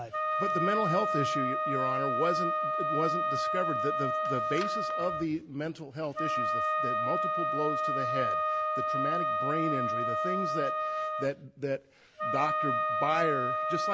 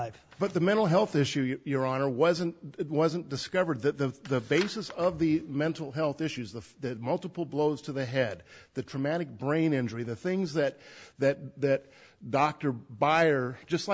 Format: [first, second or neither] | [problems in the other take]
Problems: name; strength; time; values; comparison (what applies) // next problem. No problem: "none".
second | background sound (Wind instrument, woodwind instrument); 4 dB above the speech